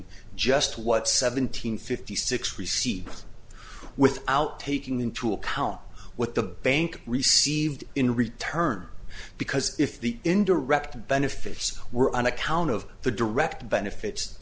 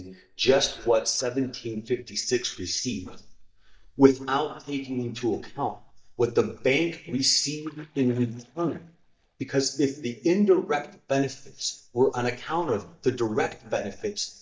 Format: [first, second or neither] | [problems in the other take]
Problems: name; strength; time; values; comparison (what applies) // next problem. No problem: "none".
first | noise reduction (neural mask model DeepFilterNet 3)